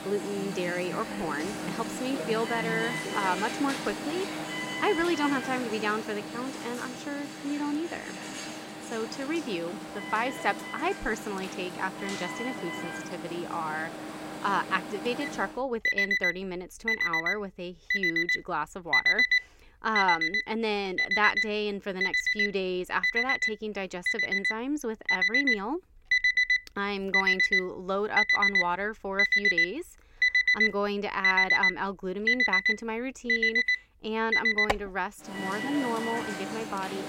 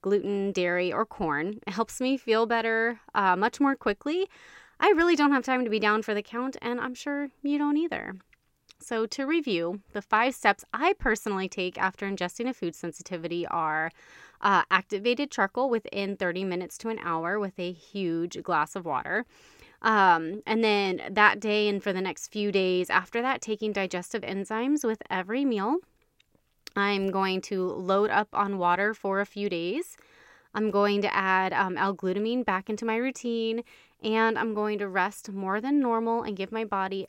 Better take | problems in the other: second | alarms or sirens; very loud; throughout; 5 dB above the speech

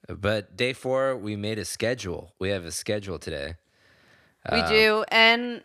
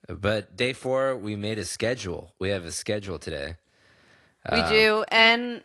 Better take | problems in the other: first | garbled, watery; slightly; nothing above 11 kHz

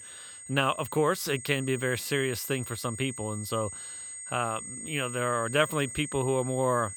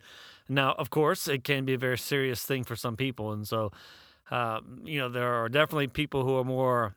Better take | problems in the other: second | high-pitched whine; loud; throughout; 8.5 kHz, 9 dB below the speech

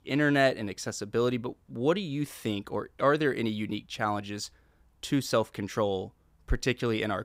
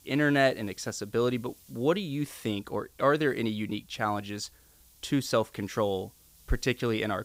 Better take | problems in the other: first | hiss; faint; throughout; 25 dB below the speech

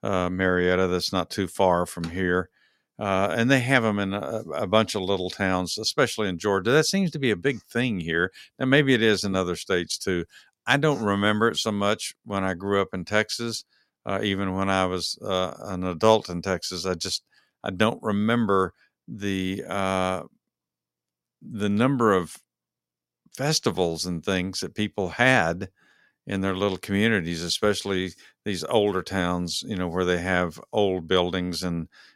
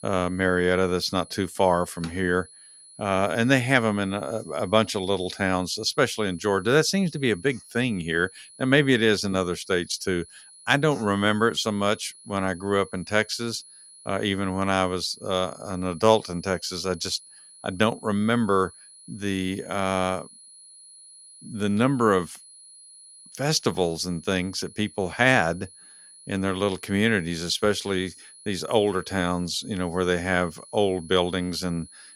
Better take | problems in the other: first | high-pitched whine; faint; throughout; 10.5 kHz, 20 dB below the speech

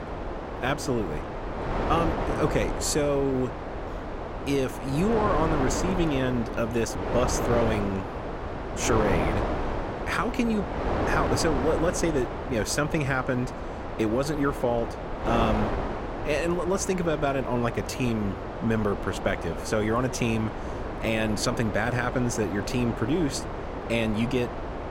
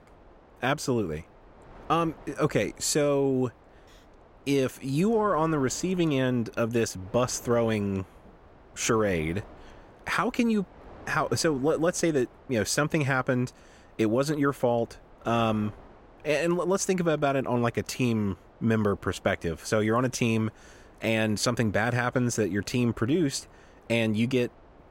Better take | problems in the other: second | wind noise on the microphone; heavy; 4 dB below the speech; occasional gusts in the second

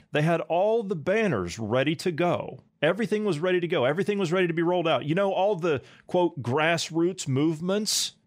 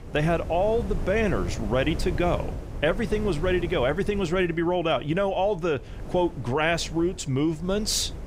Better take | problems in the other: first | wind noise on the microphone; occasional gusts; 15 dB below the speech

